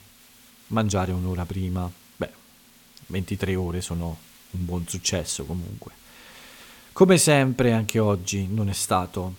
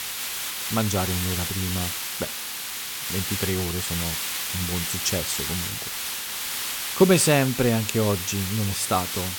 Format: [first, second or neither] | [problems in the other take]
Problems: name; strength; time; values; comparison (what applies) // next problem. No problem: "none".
first | hiss; loud; throughout; 2 dB below the speech; faint in the first